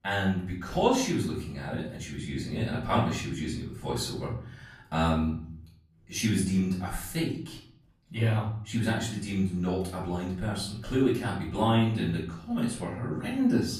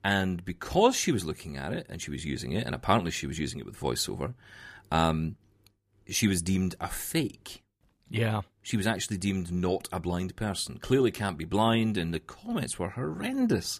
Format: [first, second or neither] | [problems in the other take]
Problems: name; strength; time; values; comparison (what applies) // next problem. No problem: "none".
second | off-mic speech; far // room echo; noticeable; dies away in 0.5 s